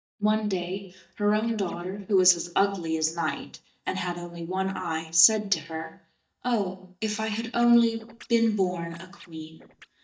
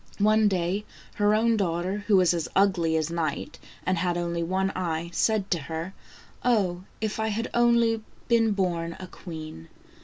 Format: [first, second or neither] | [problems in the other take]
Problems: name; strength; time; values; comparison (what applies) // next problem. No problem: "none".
second | noise reduction (neural mask model DeepFilterNet 3)